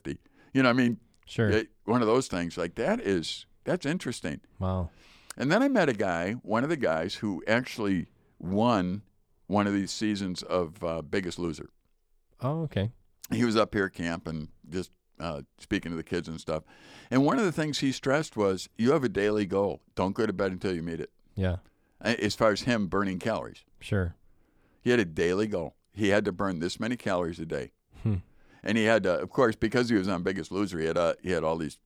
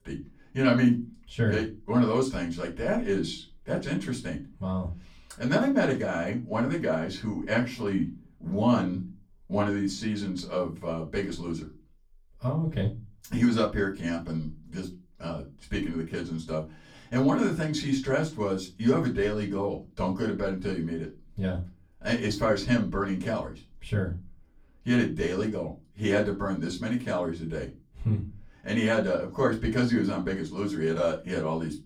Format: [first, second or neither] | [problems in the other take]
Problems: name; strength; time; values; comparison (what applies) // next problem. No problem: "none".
first | off-mic speech; far // room echo; very slight; dies away in 0.3 s